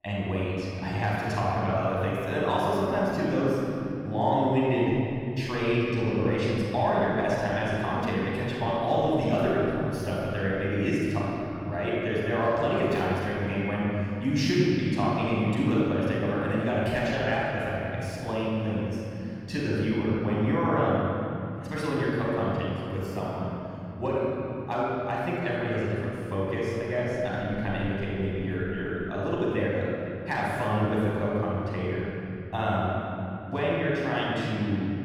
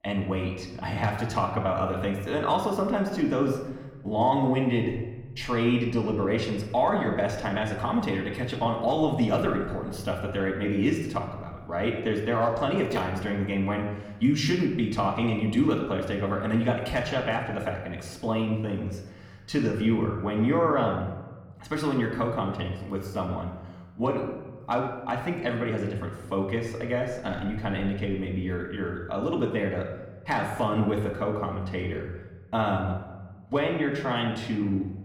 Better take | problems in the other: second | room echo; strong; dies away in 3 s; slight in the second // off-mic speech; far; somewhat distant in the second

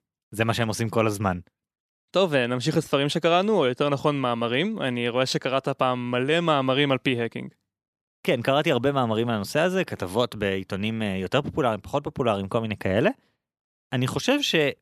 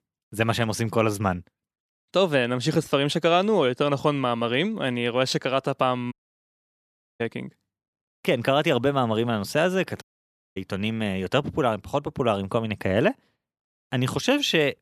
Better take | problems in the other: first | audio cutting out; at 6 s for 1 s and at 10 s for 0.5 s

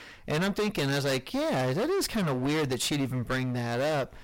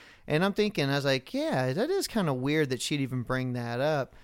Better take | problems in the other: second | distortion; heavy; 28% of the sound clipped

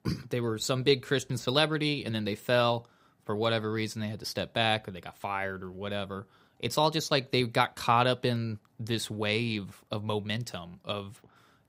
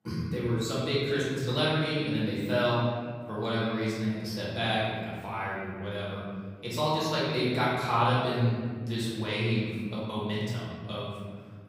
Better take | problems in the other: first | room echo; strong; dies away in 2 s // off-mic speech; far

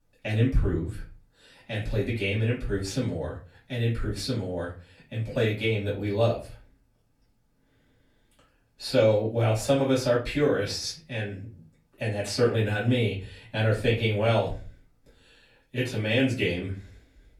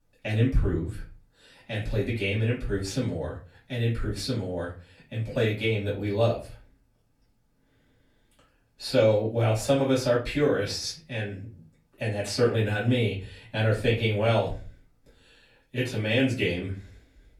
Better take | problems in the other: neither | room echo; slight; dies away in 0.3 s; the same in both // off-mic speech; far; the same in both

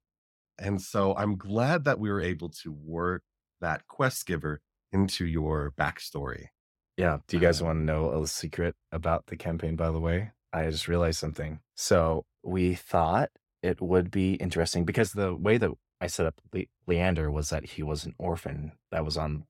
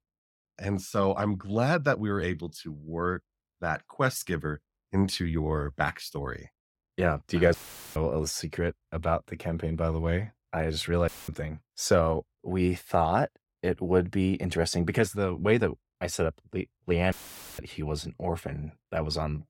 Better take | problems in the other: first | audio cutting out; filled with static; at 7.5 s, at 11 s and at 17 s

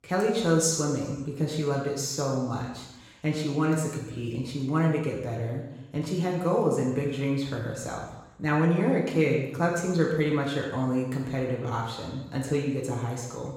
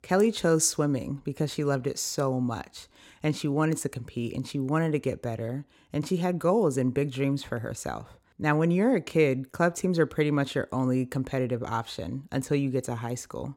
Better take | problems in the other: second | room echo; noticeable; dies away in 0.9 s // off-mic speech; far

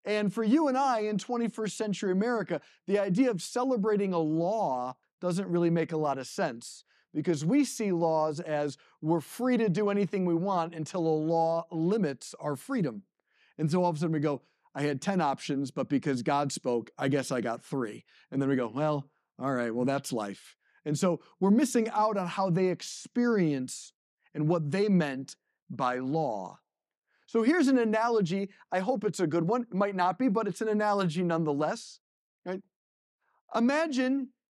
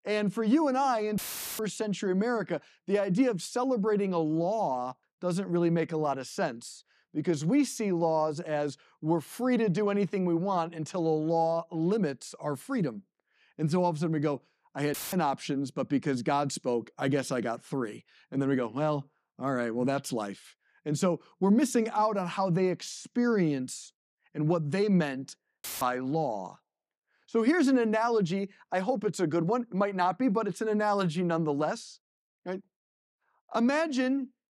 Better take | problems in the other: first | audio cutting out; filled with static; at 1 s, at 15 s and at 26 s

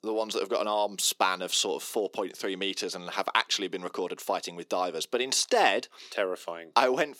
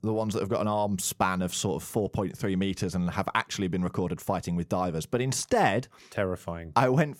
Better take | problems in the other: second | thin; somewhat; fading below 300 Hz

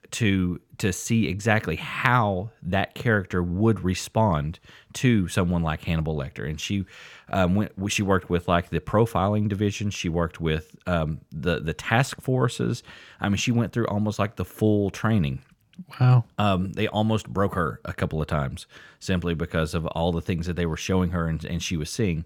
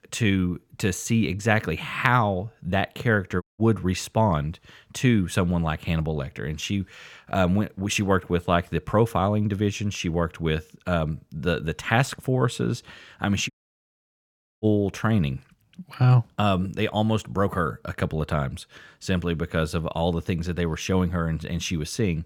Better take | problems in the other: first | audio cutting out; at 3.5 s and at 14 s for 1 s

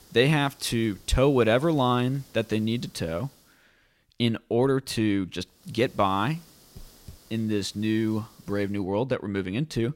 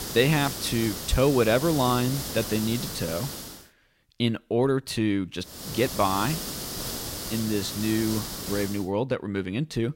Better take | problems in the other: first | hiss; loud; until 3.5 s and from 5.5 to 8.5 s; 6 dB below the speech; faint in the first

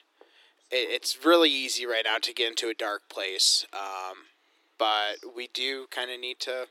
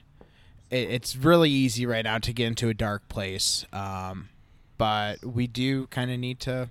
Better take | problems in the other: second | thin; very; fading below 300 Hz

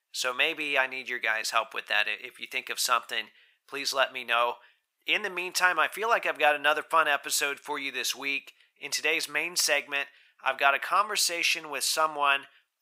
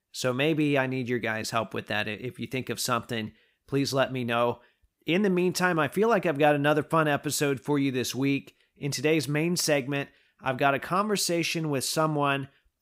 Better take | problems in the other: second | thin; very; fading below 950 Hz

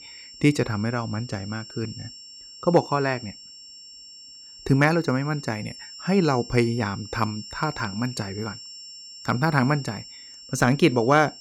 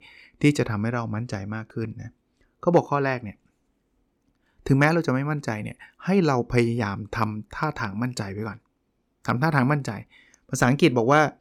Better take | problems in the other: second | high-pitched whine; noticeable; throughout; 5.5 kHz, 15 dB below the speech

